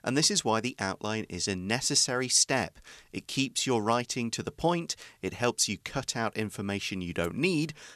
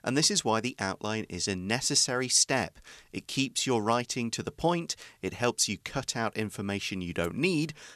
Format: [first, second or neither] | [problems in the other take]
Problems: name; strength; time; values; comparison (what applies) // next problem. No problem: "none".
neither | none